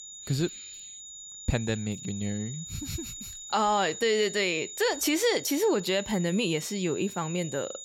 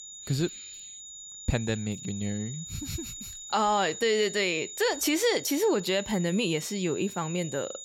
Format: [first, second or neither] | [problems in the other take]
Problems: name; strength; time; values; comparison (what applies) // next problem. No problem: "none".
neither | high-pitched whine; noticeable; throughout; 7 kHz, 10 dB below the speech; the same in both